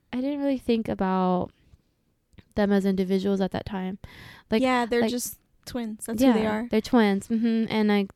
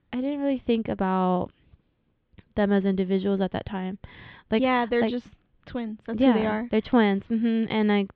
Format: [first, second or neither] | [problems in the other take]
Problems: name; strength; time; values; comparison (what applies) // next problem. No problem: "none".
first | muffled; very; fading above 3.5 kHz